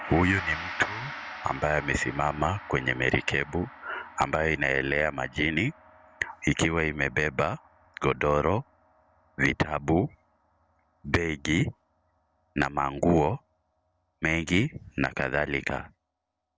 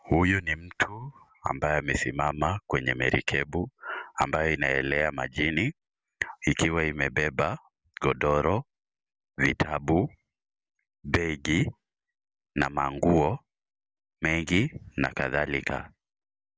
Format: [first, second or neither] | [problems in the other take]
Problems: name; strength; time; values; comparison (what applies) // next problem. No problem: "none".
second | background sound (Gong); 17 dB below the speech